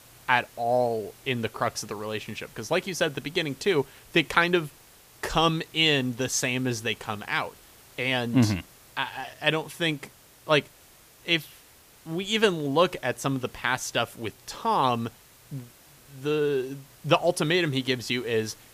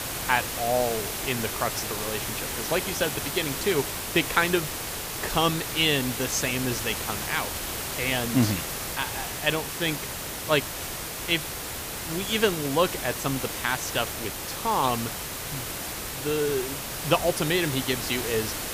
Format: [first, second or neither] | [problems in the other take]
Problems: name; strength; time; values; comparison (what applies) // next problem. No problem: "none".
first | hiss; loud; throughout; 3 dB below the speech; faint in the first